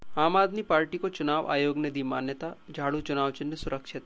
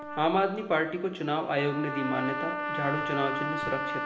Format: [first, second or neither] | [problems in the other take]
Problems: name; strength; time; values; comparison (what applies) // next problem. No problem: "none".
first | background sound (Trumpet); 4 dB below the speech // room echo; dies away in 0.9 s